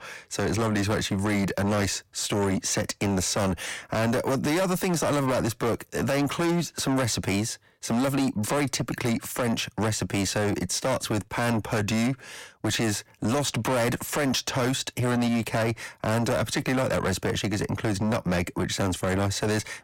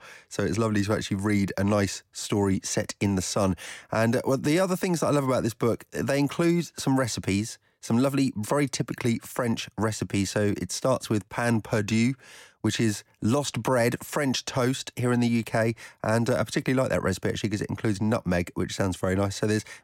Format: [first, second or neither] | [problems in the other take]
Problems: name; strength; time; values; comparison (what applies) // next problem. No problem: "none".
second | distortion; heavy; 7 dB below the speech